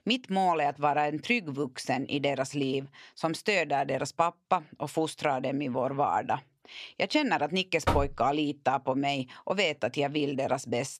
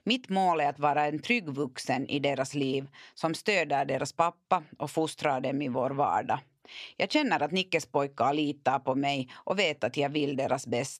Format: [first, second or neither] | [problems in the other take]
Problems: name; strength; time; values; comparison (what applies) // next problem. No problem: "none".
second | door banging; noticeable; at 8 s; peak 1 dB below the speech